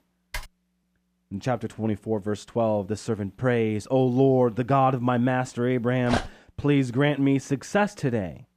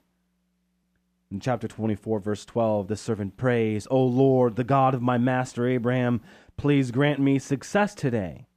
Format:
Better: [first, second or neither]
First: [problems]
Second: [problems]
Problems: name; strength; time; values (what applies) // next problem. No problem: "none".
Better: second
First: keyboard typing; faint; at 0.5 s; peak 15 dB below the speech // dog barking; noticeable; at 6 s; peak 5 dB below the speech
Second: none